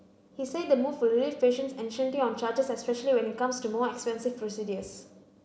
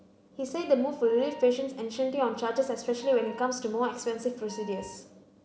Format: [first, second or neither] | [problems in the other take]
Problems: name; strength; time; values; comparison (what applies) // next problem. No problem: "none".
first | background sound (Wind instrument, woodwind instrument); 19 dB below the speech